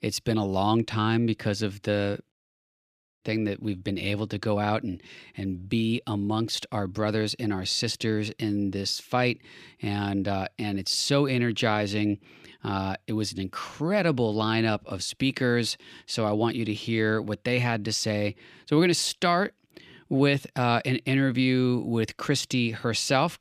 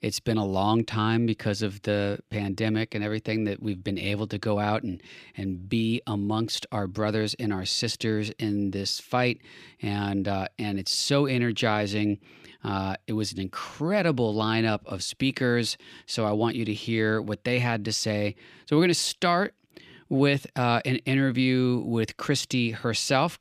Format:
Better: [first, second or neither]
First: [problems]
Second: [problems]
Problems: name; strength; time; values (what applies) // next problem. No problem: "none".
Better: second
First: audio cutting out; at 2.5 s for 1 s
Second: none